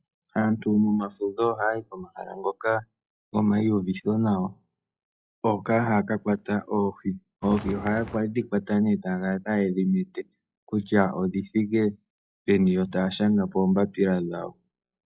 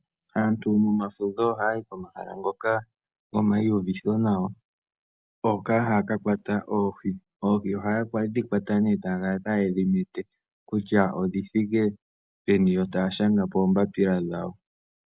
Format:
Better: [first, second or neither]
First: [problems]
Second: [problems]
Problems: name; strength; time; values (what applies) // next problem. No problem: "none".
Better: second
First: noise reduction (classical method log-MMSE)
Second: none